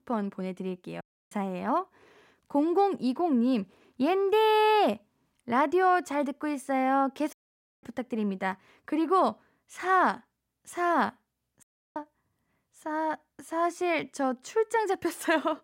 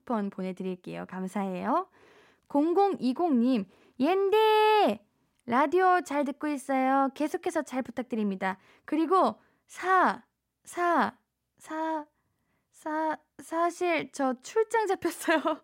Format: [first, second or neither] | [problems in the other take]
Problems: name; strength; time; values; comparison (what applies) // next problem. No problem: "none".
second | audio cutting out; at 1 s, at 7.5 s for 0.5 s and at 12 s